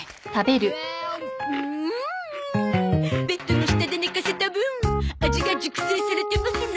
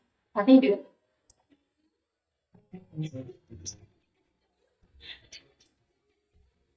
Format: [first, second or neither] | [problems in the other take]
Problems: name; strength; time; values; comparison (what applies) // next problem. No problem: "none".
first | noise reduction (neural mask model DeepFilterNet 3)